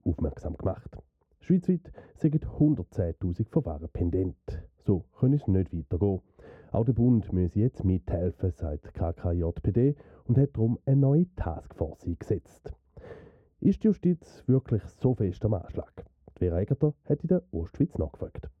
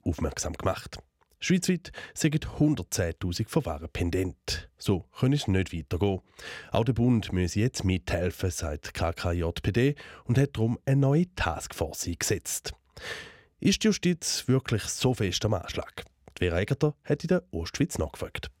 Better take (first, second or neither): second